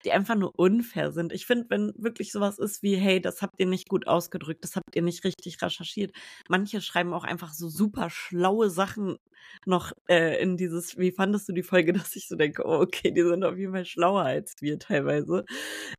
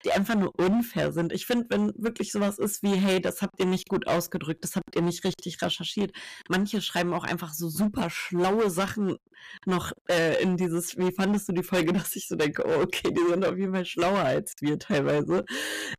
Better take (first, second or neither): first